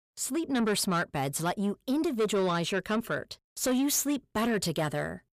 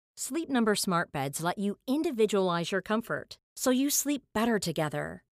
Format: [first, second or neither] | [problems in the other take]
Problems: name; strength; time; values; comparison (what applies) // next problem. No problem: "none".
second | distortion; slight; 10 dB below the speech